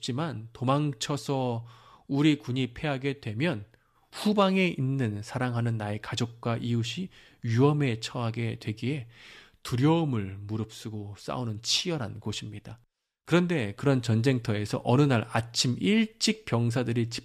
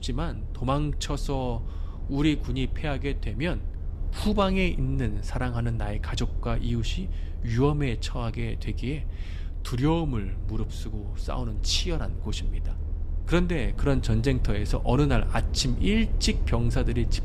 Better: first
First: none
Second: low rumble; noticeable; throughout; 20 dB below the speech

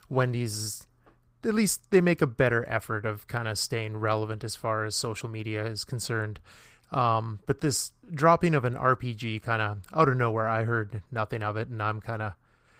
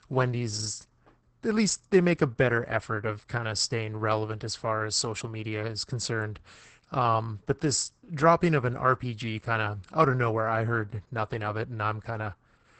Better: first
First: garbled, watery; slightly; nothing above 15.5 kHz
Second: garbled, watery; badly; nothing above 8 kHz

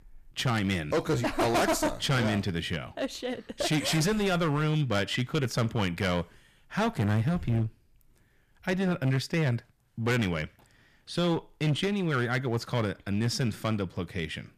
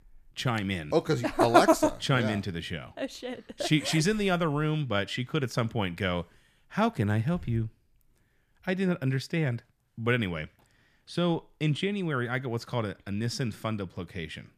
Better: second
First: distortion; heavy; 14% of the sound clipped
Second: none

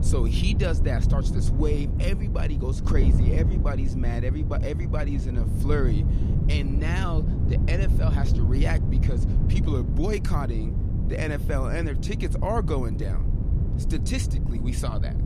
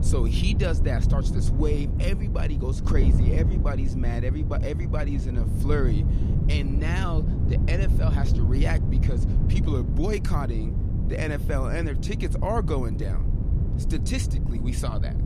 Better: neither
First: wind noise on the microphone; heavy; 5 dB below the speech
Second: wind noise on the microphone; heavy; 5 dB below the speech

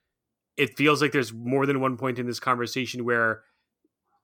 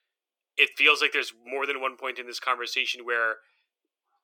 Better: first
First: none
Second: thin; very; fading below 400 Hz

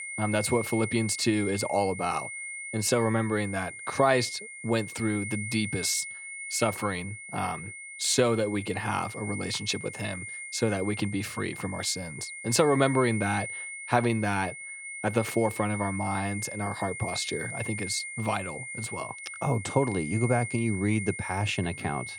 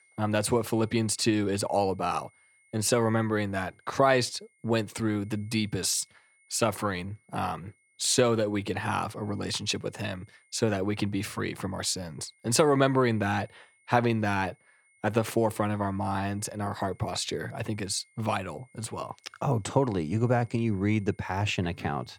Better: second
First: high-pitched whine; loud; throughout; 2 kHz, 8 dB below the speech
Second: high-pitched whine; faint; throughout; 2 kHz, 35 dB below the speech

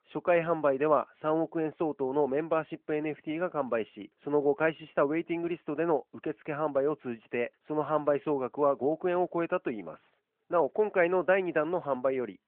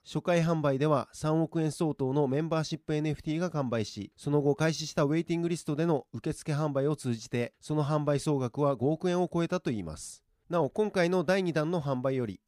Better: second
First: phone-call audio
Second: none

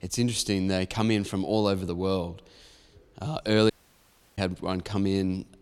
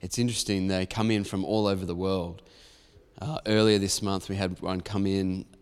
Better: second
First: audio cutting out; at 3.5 s for 0.5 s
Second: none

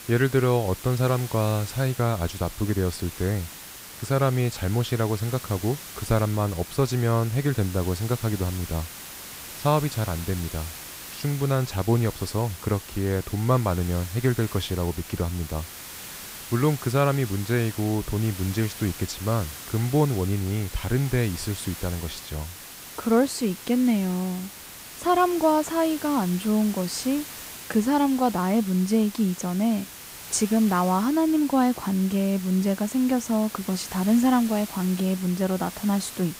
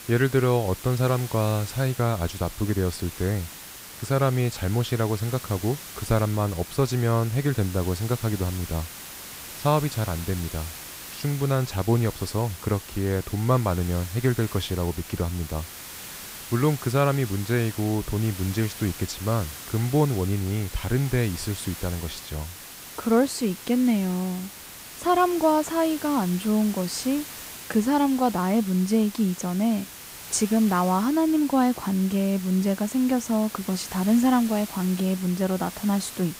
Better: neither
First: hiss; noticeable; throughout; 10 dB below the speech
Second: hiss; noticeable; throughout; 10 dB below the speech

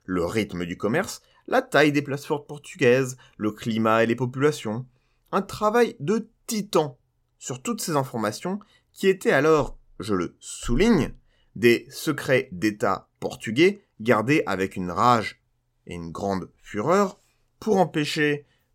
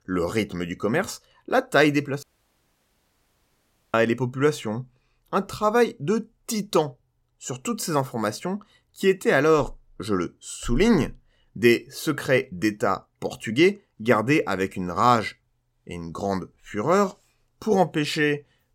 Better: first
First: none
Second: audio cutting out; at 2 s for 1.5 s

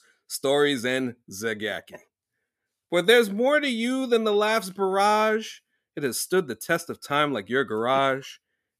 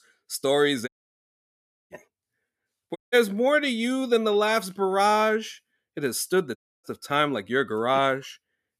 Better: first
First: none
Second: audio cutting out; at 1 s for 1 s, at 3 s and at 6.5 s

